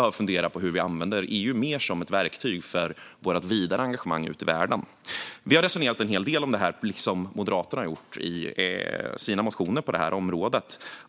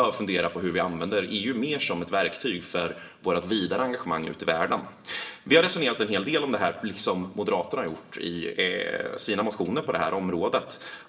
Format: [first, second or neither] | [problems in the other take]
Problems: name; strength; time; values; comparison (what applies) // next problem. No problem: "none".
first | room echo; dies away in 0.8 s